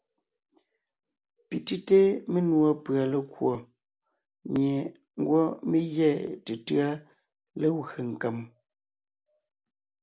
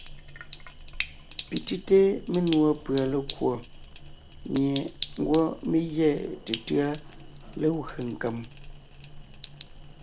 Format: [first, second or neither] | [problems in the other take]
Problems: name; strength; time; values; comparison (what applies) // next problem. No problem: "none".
first | background sound (Sink (filling or washing)); 13 dB below the speech